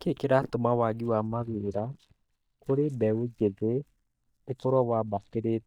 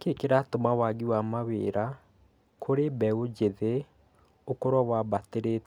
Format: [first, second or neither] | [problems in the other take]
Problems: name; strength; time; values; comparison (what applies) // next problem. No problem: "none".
second | noise reduction (neural mask model DeepFilterNet 3)